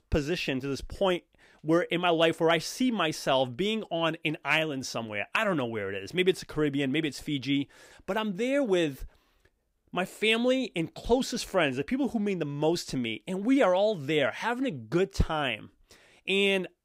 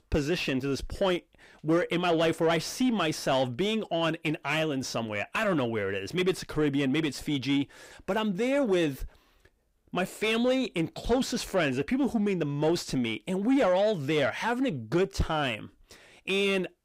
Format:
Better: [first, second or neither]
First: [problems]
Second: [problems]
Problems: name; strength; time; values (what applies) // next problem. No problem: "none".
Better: first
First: none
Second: distortion; slight; 10 dB below the speech